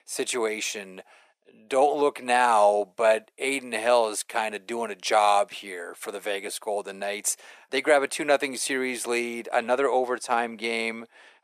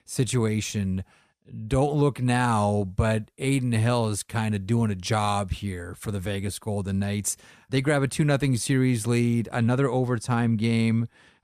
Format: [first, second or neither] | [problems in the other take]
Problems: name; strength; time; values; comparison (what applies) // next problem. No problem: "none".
second | thin; very; fading below 350 Hz